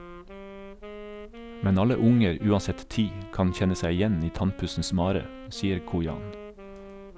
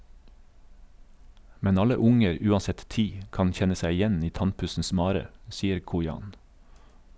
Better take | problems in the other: second | background sound (Wind instrument, woodwind instrument); 16 dB below the speech

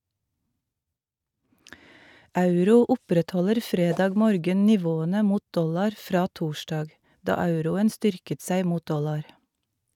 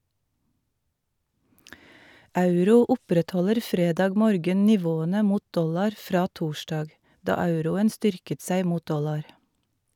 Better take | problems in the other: second | noise reduction (neural mask model RNNoise)

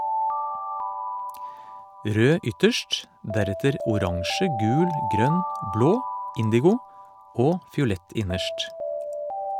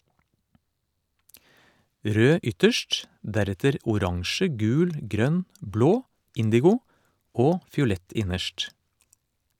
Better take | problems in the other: second | background sound (Alarm); 6 dB below the speech

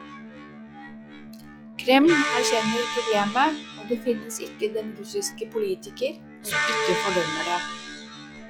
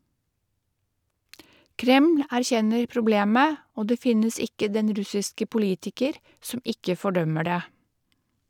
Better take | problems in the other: second | noise reduction (classical method log-MMSE)

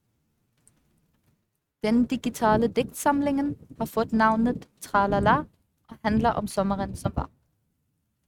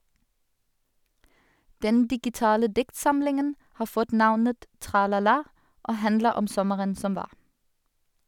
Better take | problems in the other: second | noise reduction (neural mask model RNNoise)

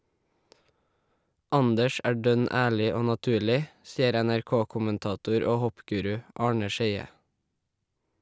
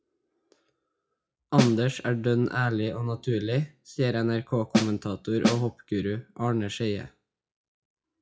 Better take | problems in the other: first | noise reduction (classical method WPE with log-MMSE)

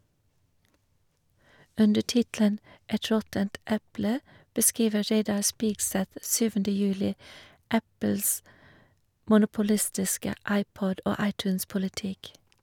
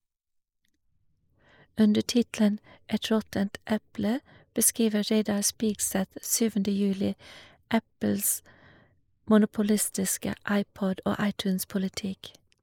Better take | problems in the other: first | noise reduction (neural mask model Resemble Enhance denoiser)

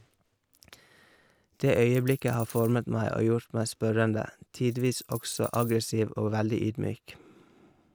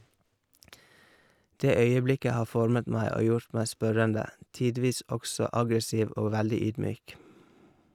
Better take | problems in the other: second | background sound (Coin (dropping)); 19 dB below the speech

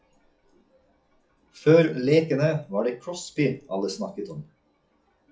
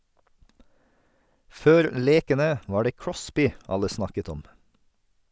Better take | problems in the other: second | noise reduction (classical method WPE with log-MMSE)

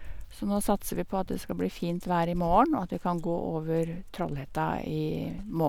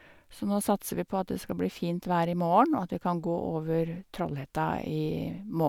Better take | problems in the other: second | background sound (Dog); 10 dB below the speech

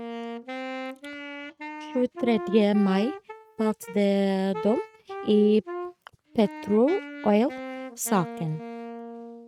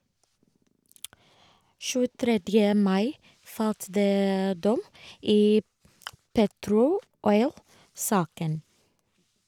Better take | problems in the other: second | noise reduction (neural mask model RNNoise)

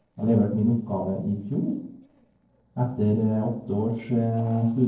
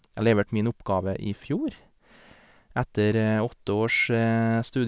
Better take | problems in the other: second | noise reduction (neural separator model SepFormer DNS4)

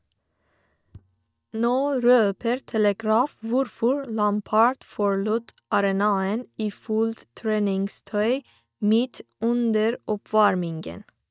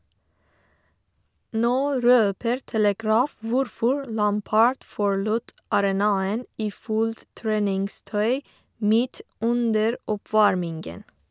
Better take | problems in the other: second | noise reduction (neural mask model DeepFilterNet 3)

